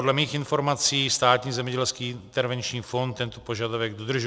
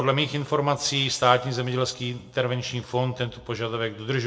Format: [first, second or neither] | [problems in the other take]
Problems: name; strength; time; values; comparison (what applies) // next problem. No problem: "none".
first | room echo; dies away in 0.7 s